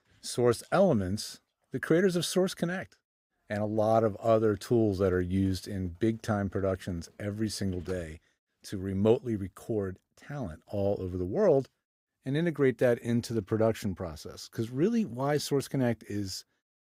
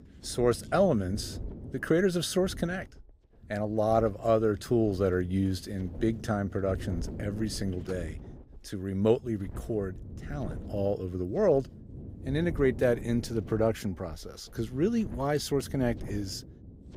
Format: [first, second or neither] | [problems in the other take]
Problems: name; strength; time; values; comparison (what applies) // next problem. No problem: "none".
first | wind noise on the microphone; occasional gusts; 20 dB below the speech